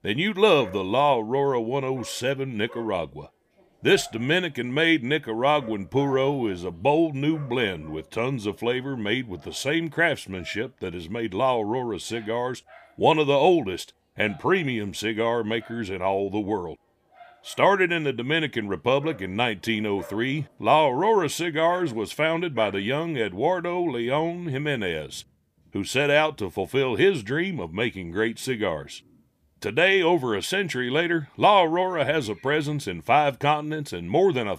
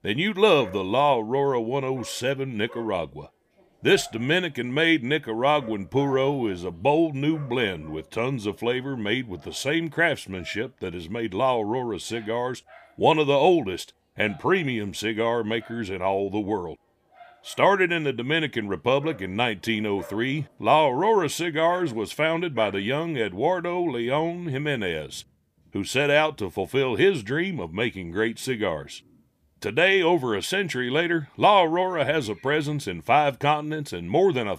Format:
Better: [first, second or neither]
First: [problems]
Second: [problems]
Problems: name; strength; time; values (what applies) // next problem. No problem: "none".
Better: neither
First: animal sounds; faint; throughout; 25 dB below the speech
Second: animal sounds; faint; throughout; 25 dB below the speech